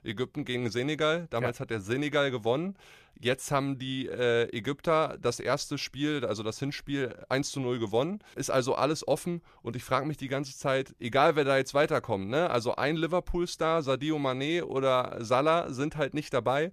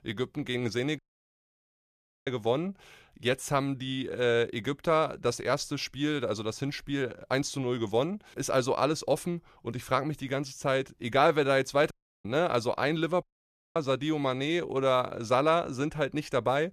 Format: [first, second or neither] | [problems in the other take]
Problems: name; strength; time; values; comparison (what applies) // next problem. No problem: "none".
first | audio cutting out; at 1 s for 1.5 s, at 12 s and at 13 s for 0.5 s